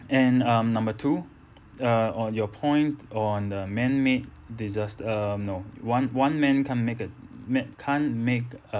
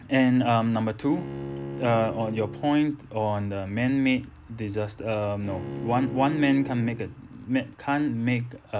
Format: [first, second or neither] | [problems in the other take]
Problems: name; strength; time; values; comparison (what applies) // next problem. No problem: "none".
first | background sound (Bowed string instrument); 12 dB below the speech